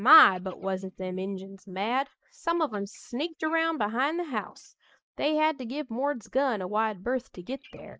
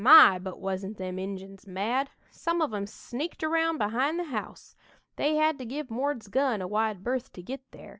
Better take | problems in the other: second | noise reduction (neural mask model Resemble Enhance denoiser)

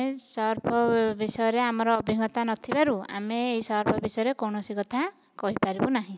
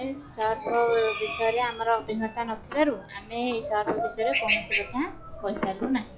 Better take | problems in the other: first | noise reduction (classical method log-MMSE)

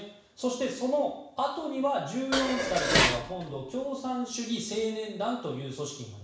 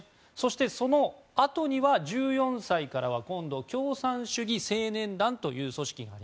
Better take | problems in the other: second | background sound (Dishes, pots, and pans); 3 dB above the speech // room echo; dies away in 0.7 s

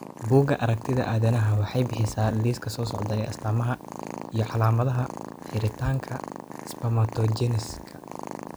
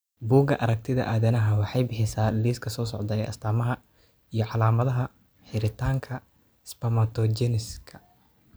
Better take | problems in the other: second | background sound (Purr); 13 dB below the speech

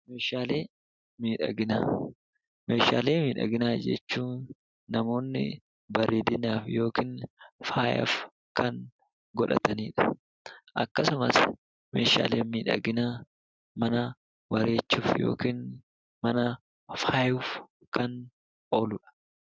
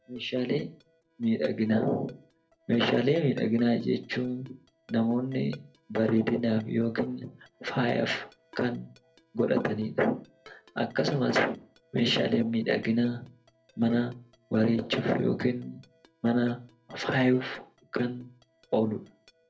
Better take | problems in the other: first | noise reduction (neural separator model SepFormer DNS4)

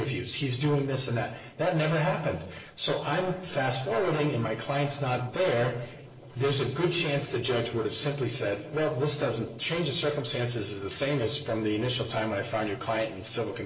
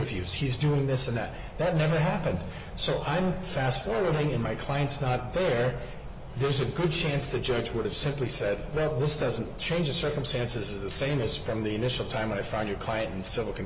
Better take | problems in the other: second | noise reduction (neural separator model SepFormer DNS4)

